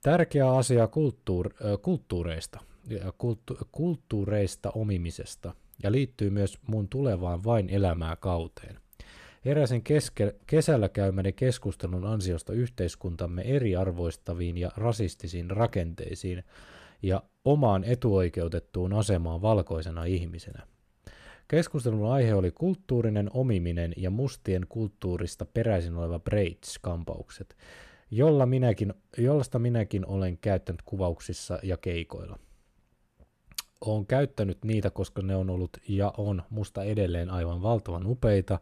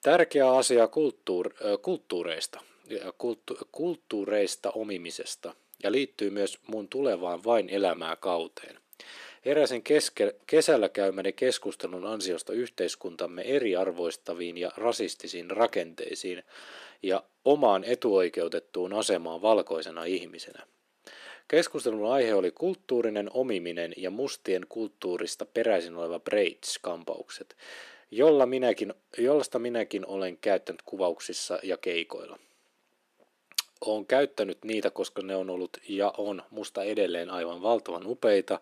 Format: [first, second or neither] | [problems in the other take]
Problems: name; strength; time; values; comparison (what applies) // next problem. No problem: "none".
first | thin; somewhat; fading below 300 Hz